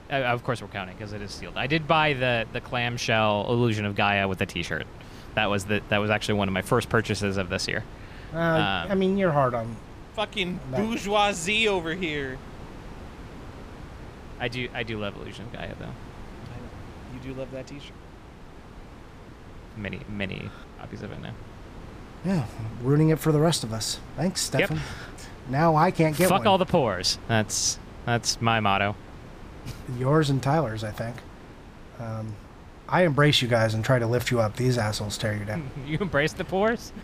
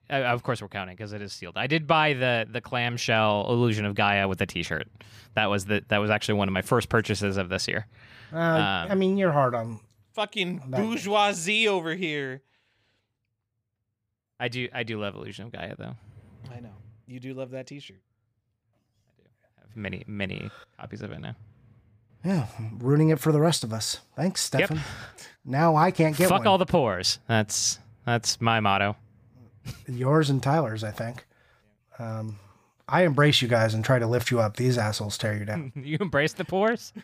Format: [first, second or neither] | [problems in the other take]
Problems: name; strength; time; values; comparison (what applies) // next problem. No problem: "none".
second | wind noise on the microphone; occasional gusts; 20 dB below the speech